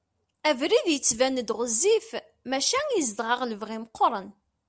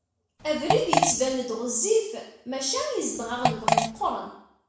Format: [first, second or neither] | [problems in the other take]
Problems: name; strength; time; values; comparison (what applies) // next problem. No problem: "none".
first | background sound (Fart); 2 dB above the speech // room echo; dies away in 0.7 s